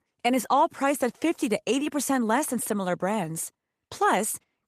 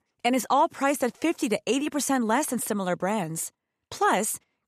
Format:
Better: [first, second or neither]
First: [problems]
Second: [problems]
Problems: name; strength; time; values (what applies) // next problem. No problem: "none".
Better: second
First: garbled, watery; slightly; nothing above 14.5 kHz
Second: none